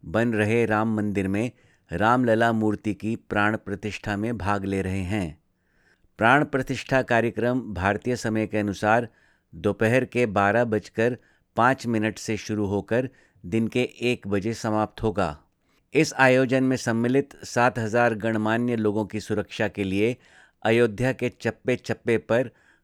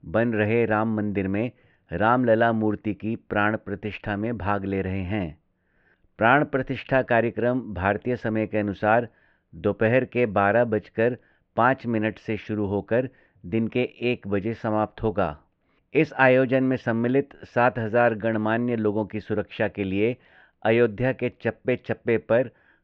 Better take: first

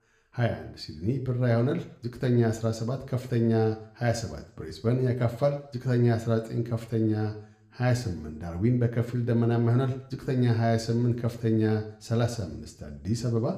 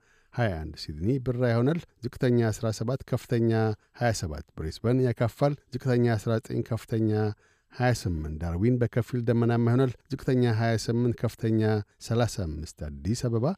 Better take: second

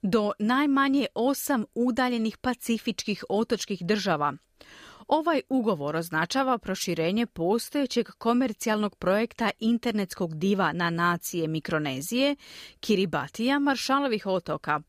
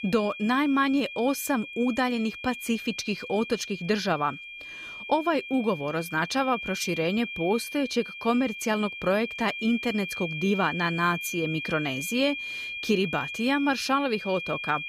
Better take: first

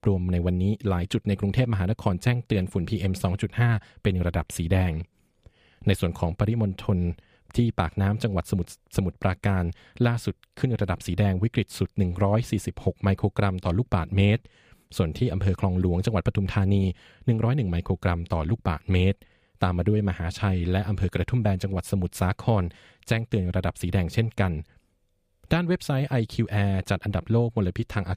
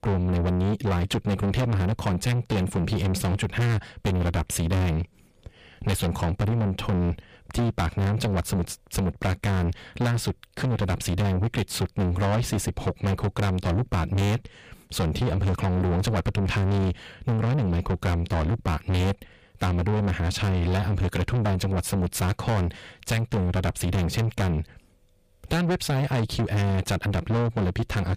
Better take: first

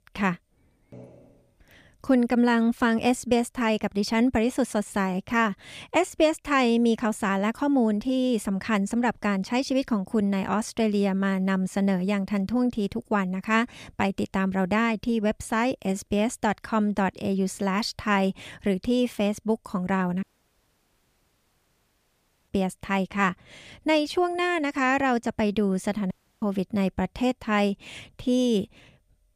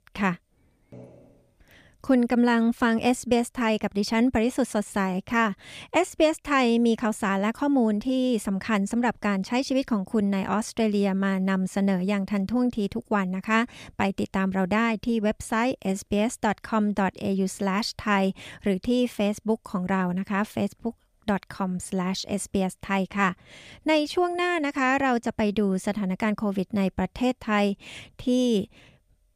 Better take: second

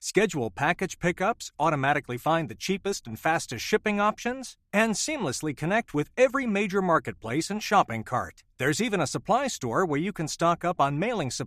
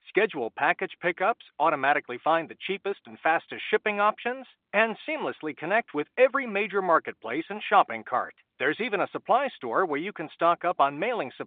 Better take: first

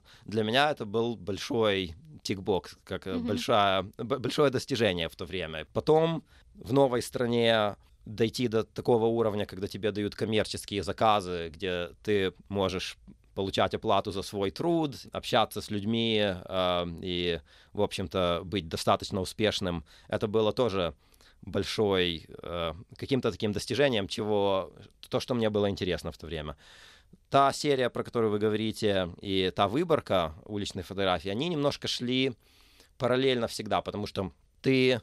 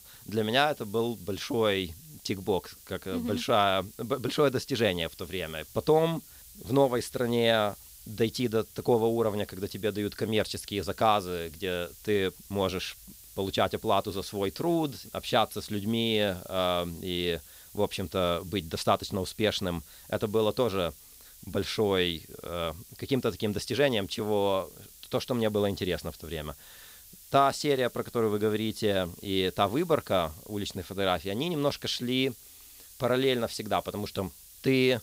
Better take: first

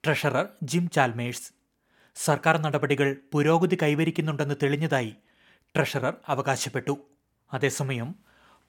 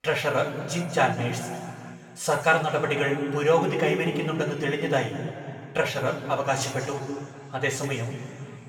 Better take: first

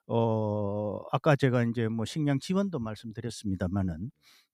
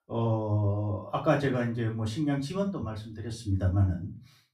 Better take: first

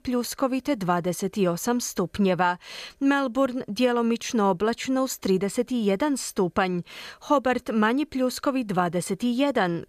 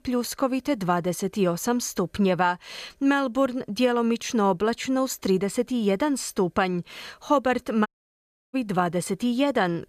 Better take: first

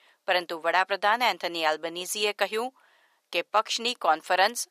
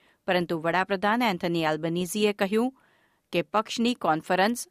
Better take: second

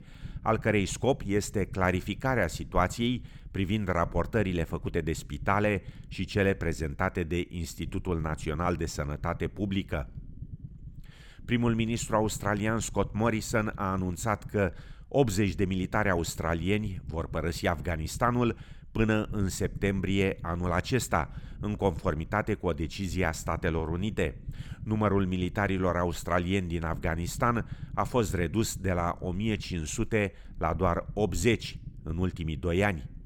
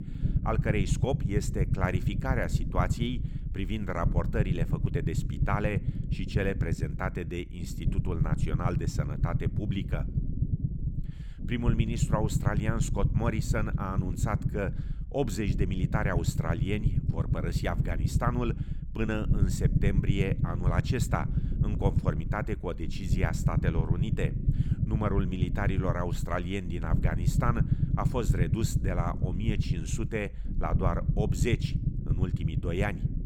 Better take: first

